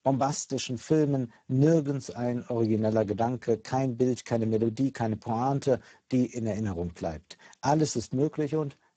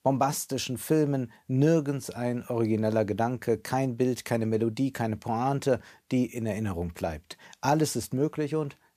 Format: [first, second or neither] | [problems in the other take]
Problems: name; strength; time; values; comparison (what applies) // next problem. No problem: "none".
second | garbled, watery; badly; nothing above 7.5 kHz